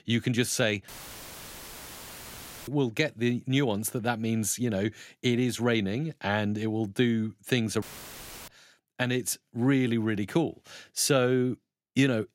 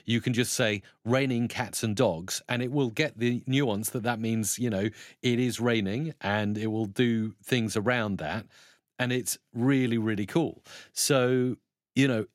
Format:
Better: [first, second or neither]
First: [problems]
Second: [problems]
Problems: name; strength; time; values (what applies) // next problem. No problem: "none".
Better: second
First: audio cutting out; filled with static; at 1 s for 2 s and at 8 s for 0.5 s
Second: none